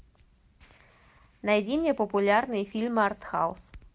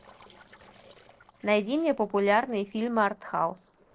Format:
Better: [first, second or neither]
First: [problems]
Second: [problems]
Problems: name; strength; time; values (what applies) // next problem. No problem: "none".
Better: first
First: none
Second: noise reduction (neural separator model SepFormer DNS4)